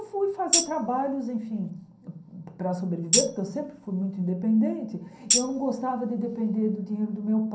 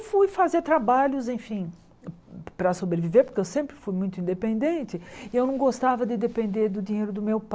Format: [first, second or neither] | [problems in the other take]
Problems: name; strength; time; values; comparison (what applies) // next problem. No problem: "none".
second | background sound (Tambourine); as loud as the speech // room echo; dies away in 0.6 s